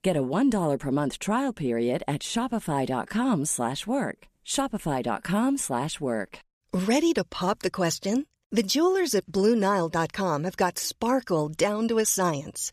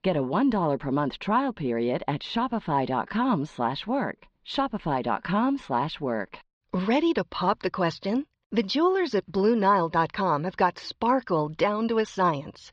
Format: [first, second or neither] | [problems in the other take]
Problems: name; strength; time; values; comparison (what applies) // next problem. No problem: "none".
first | muffled; slightly; fading above 4.5 kHz